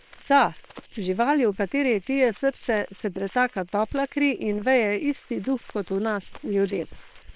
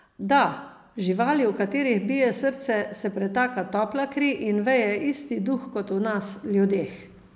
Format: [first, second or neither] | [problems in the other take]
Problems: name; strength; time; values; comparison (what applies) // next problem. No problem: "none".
second | noise reduction (neural separator model SepFormer WHAM!)